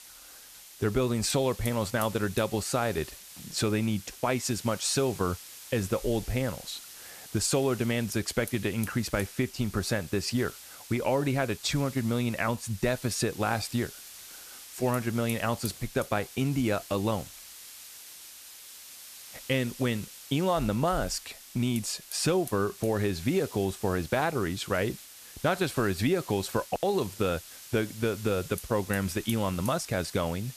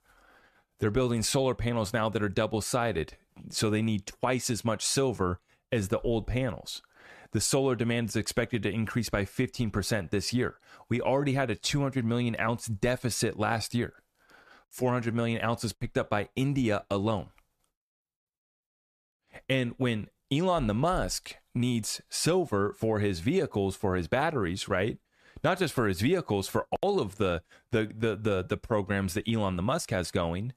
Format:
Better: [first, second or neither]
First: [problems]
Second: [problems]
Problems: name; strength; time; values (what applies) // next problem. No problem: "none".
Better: second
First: hiss; noticeable; throughout; 15 dB below the speech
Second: none